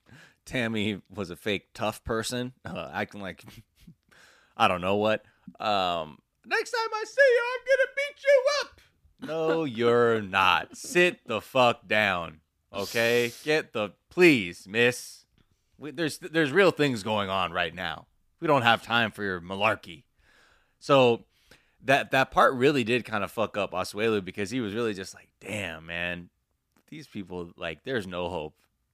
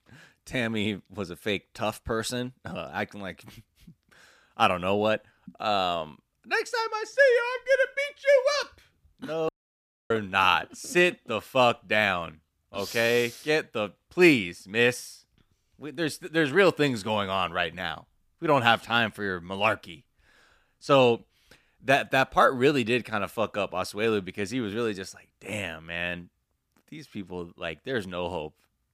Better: first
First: none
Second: audio cutting out; at 9.5 s for 0.5 s

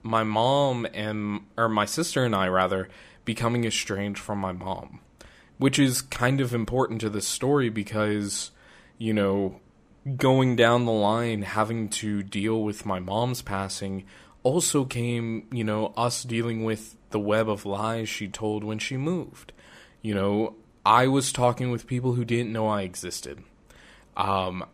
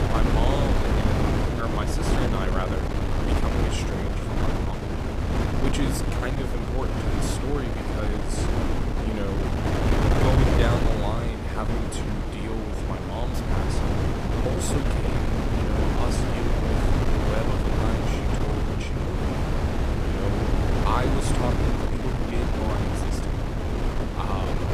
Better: first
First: none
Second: wind noise on the microphone; heavy; 4 dB above the speech

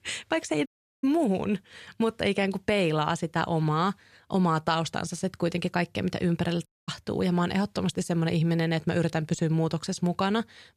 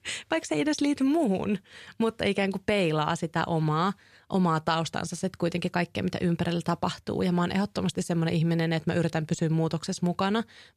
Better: second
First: audio cutting out; at 0.5 s and at 6.5 s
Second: none

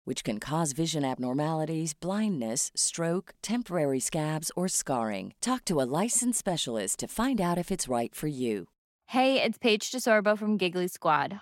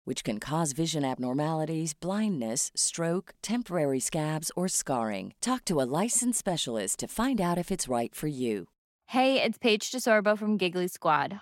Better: neither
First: none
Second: none

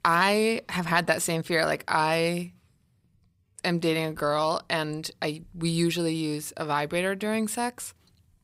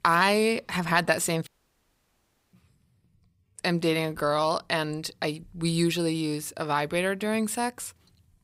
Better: first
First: none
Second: audio cutting out; at 1.5 s for 1 s

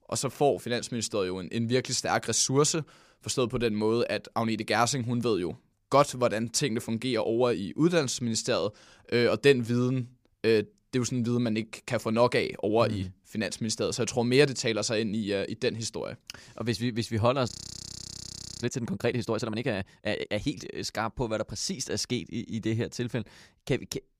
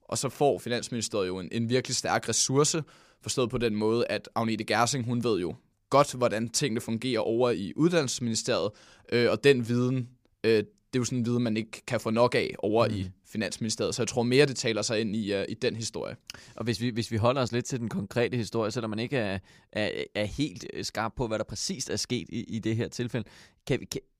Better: second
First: audio freezing; at 18 s for 1 s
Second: none

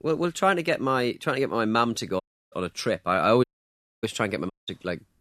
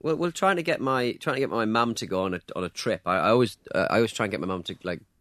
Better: second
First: audio cutting out; at 2 s, at 3.5 s for 0.5 s and at 4.5 s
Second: none

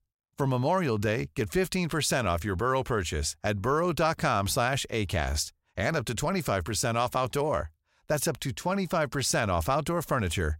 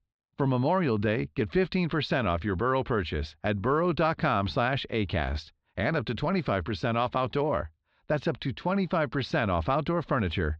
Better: first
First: none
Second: muffled; slightly; fading above 4 kHz

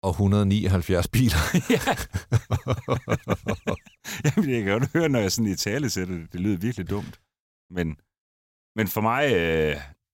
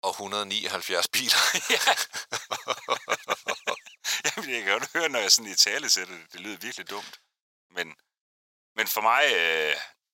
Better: first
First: none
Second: thin; very; fading below 800 Hz

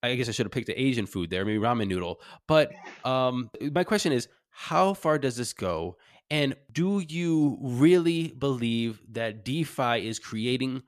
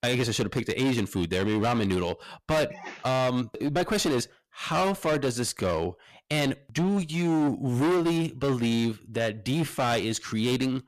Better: first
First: none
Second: distortion; heavy; 20% of the sound clipped

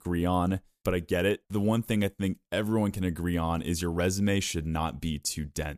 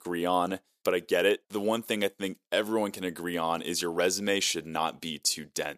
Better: first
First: none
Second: thin; somewhat; fading below 400 Hz

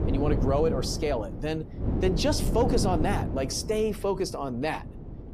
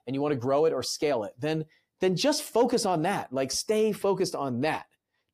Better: second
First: wind noise on the microphone; heavy; 8 dB below the speech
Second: none

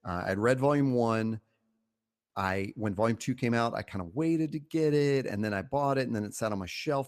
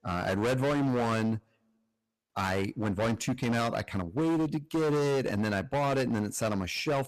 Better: first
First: none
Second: distortion; heavy; 22% of the sound clipped

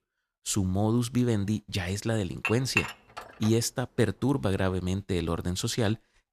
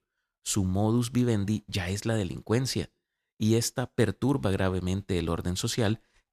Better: second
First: clattering dishes; loud; from 2.5 to 3.5 s; peak level with the speech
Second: none

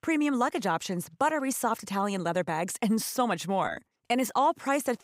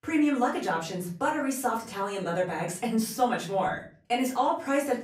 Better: first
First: none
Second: off-mic speech; far // room echo; slight; dies away in 0.4 s

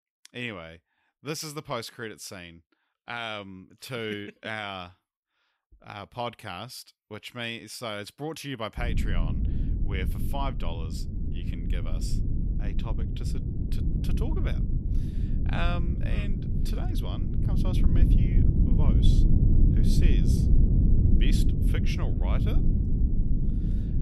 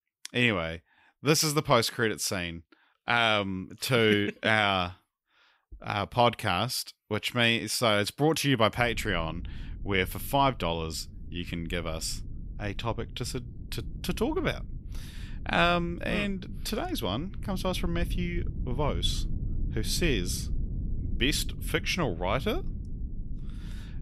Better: second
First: low rumble; loud; from 9 s on; 3 dB below the speech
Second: low rumble; faint; from 9 s on; 25 dB below the speech

